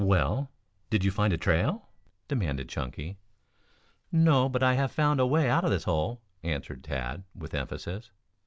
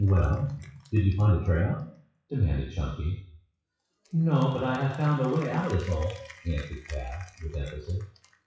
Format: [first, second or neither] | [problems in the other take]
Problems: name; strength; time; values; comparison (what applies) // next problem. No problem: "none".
first | noise reduction (classical method WPE with log-MMSE)